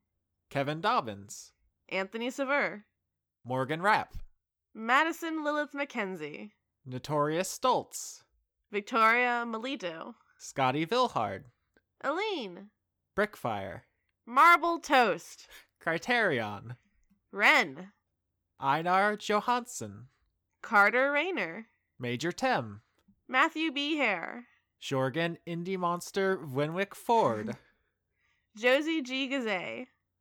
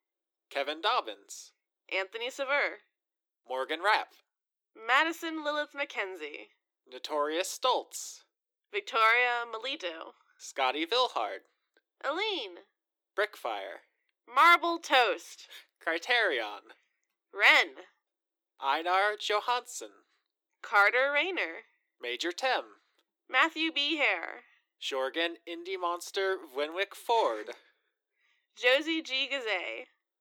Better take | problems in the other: first | thin; very; fading below 300 Hz

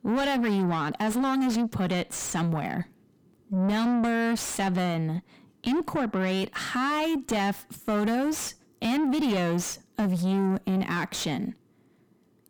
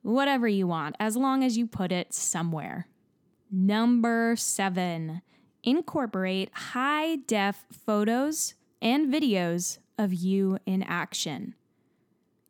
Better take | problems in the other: second | distortion; heavy; 7 dB below the speech

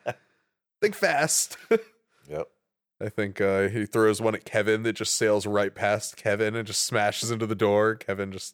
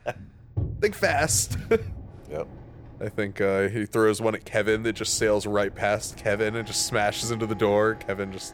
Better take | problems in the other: first | train or aircraft noise; noticeable; throughout; 15 dB below the speech

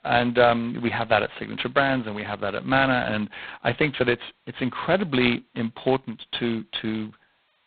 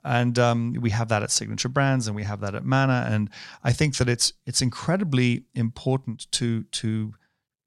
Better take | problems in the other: second | phone-call audio; poor line; nothing above 4 kHz

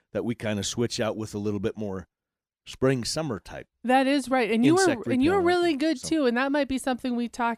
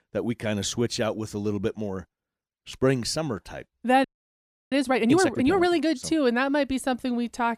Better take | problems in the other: first | audio freezing; at 4 s for 0.5 s

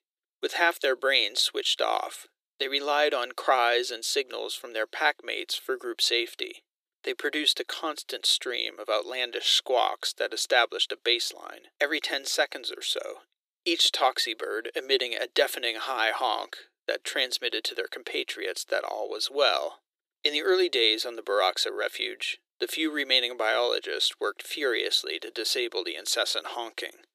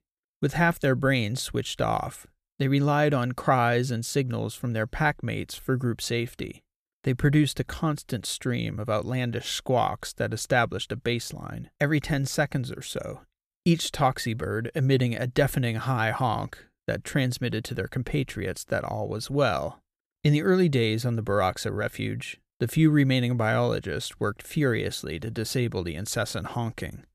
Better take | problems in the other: second | thin; very; fading below 350 Hz

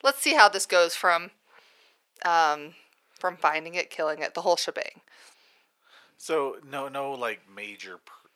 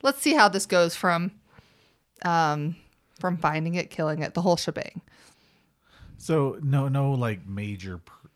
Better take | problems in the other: second | thin; very; fading below 450 Hz

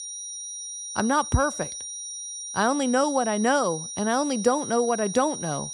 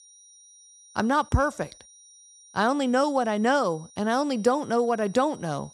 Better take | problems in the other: second | high-pitched whine; loud; throughout; 5.5 kHz, 8 dB below the speech; faint in the second

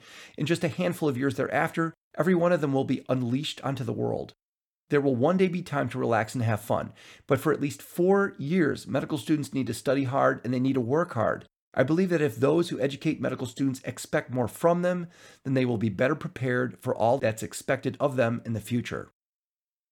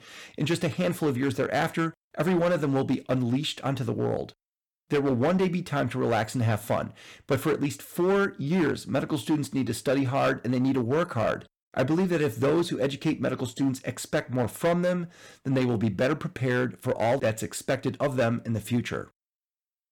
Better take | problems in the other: first | distortion; slight; 8% of the sound clipped

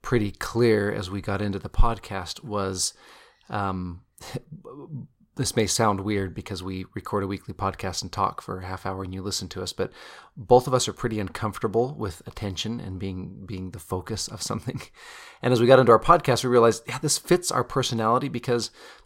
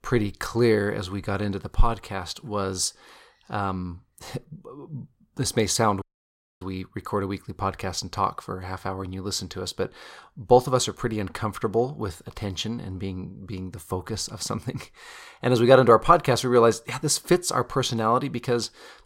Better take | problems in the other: first | audio cutting out; at 6 s for 0.5 s

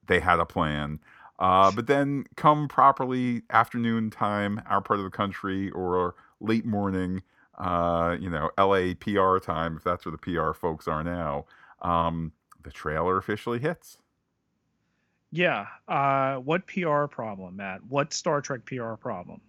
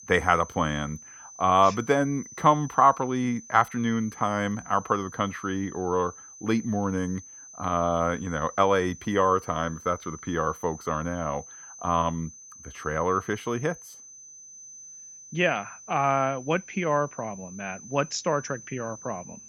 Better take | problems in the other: first | high-pitched whine; noticeable; throughout; 6 kHz, 15 dB below the speech

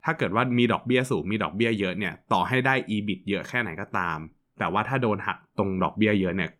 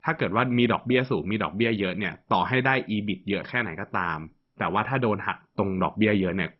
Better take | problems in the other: first | garbled, watery; badly; nothing above 5.5 kHz

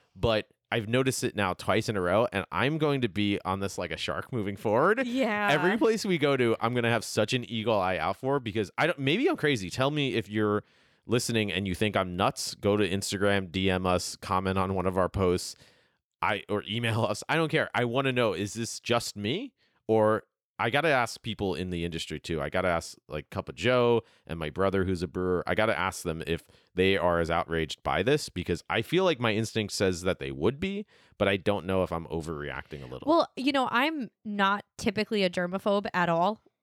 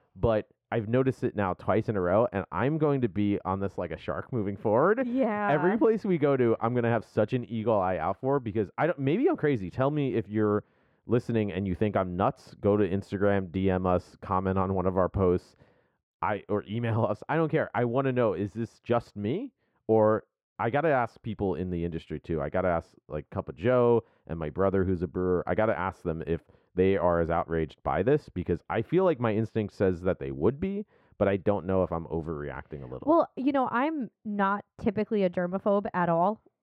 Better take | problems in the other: first | muffled; very; fading above 2.5 kHz

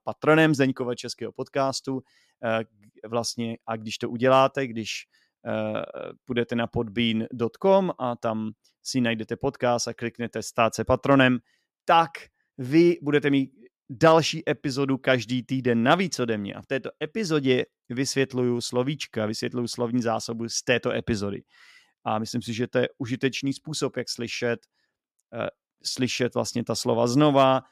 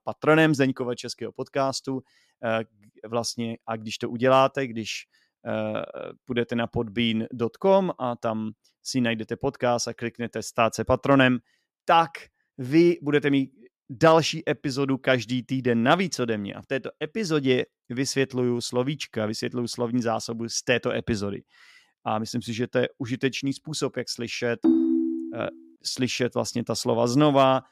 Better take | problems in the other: first | phone ringing; loud; at 25 s; peak 4 dB above the speech

